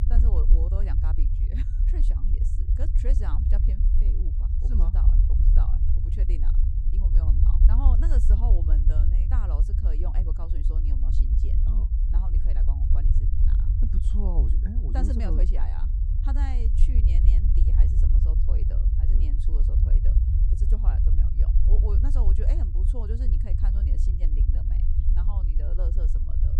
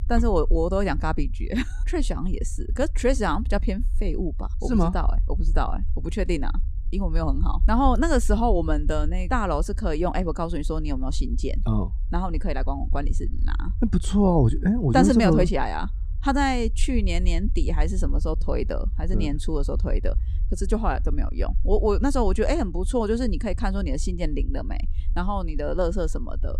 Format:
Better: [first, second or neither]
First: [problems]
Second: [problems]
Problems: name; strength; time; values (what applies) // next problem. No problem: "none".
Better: second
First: low rumble; loud; throughout; as loud as the speech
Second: low rumble; faint; throughout; 25 dB below the speech